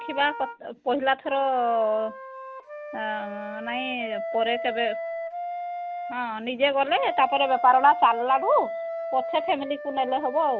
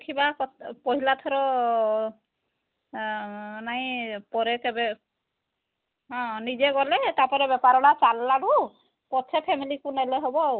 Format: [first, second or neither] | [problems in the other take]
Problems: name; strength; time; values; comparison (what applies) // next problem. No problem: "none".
second | background sound (Wind instrument, woodwind instrument); 9 dB below the speech